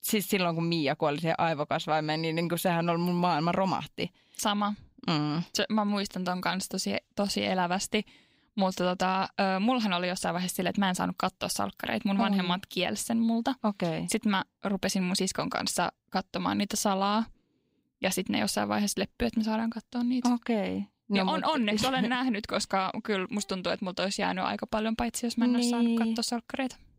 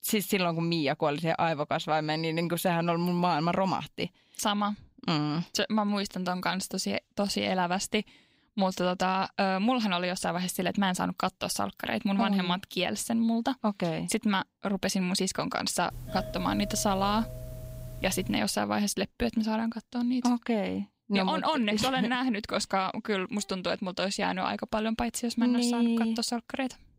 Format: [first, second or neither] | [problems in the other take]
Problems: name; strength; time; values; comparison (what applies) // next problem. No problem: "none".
first | doorbell; noticeable; from 16 to 18 s; peak 9 dB below the speech